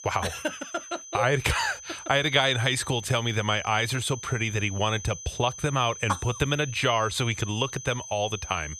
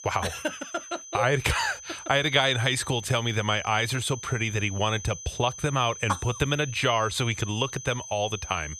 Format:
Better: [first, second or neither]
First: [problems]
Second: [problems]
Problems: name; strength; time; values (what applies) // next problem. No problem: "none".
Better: neither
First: high-pitched whine; noticeable; throughout; 6 kHz, 15 dB below the speech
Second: high-pitched whine; noticeable; throughout; 6 kHz, 15 dB below the speech